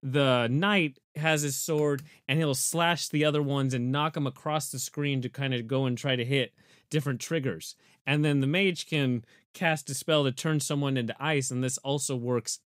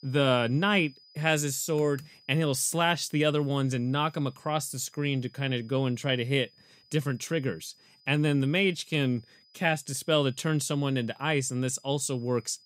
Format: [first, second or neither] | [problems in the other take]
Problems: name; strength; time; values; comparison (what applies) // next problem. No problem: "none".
first | high-pitched whine; faint; throughout; 5 kHz, 30 dB below the speech